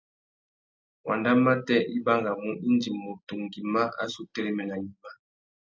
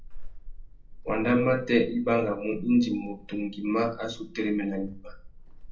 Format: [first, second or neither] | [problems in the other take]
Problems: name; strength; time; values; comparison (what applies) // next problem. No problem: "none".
first | background sound (Squeak / Walk, footsteps); 13 dB below the speech // room echo; dies away in 0.3 s